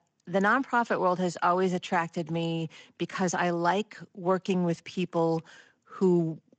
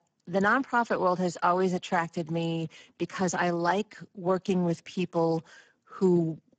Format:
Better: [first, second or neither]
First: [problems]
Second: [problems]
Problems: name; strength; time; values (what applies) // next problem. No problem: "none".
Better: first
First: garbled, watery; slightly; nothing above 7.5 kHz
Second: garbled, watery; badly; nothing above 7.5 kHz